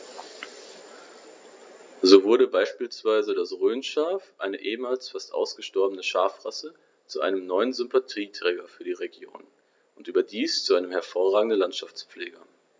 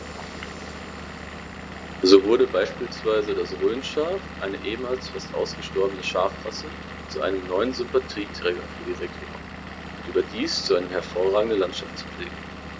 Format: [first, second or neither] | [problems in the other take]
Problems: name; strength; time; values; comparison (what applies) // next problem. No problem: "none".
first | background sound (Engine / Vehicle); 11 dB below the speech